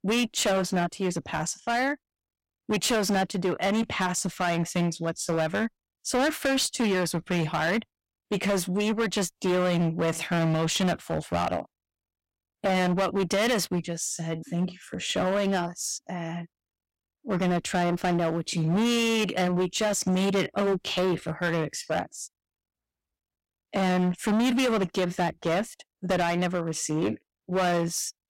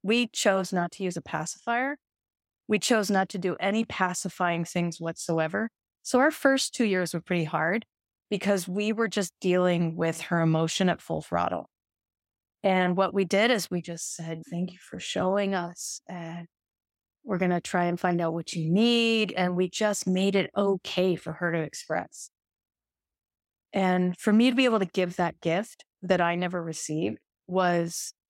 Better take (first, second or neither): second